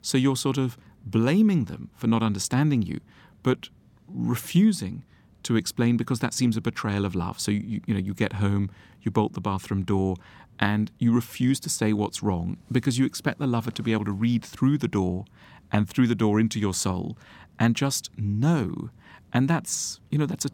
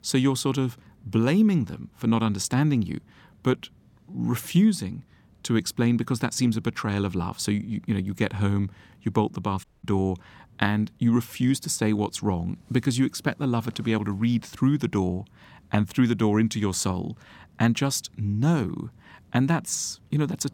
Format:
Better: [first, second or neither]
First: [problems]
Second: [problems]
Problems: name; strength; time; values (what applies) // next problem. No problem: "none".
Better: first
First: none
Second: audio cutting out; at 9.5 s